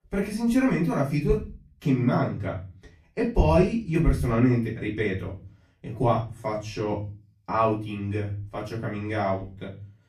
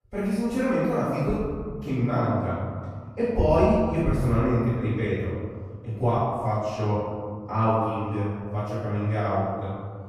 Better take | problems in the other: first | room echo; strong; dies away in 1.9 s; slight in the first // off-mic speech; far; far in the first

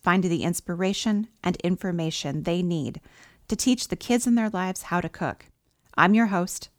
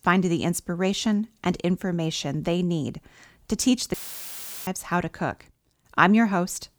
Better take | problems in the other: first | audio cutting out; filled with static; at 4 s for 0.5 s

